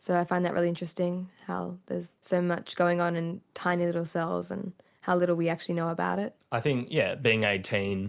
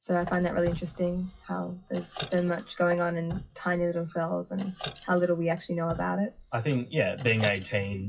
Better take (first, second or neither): first